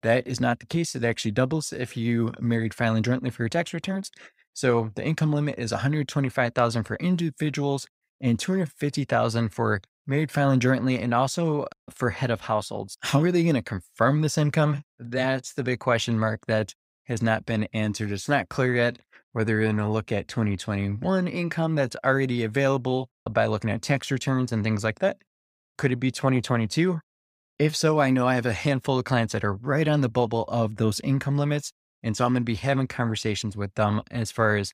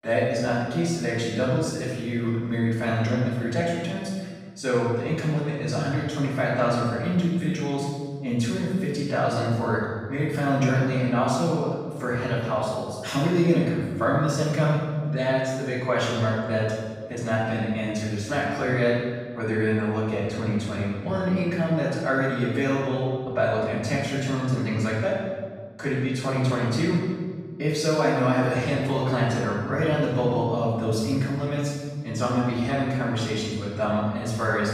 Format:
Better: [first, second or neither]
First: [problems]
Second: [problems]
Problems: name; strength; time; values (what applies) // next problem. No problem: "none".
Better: first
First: none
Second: off-mic speech; far // room echo; strong; dies away in 1.4 s